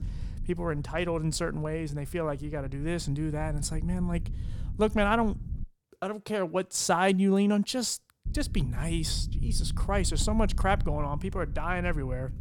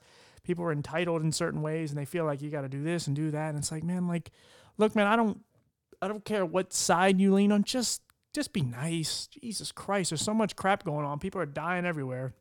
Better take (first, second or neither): second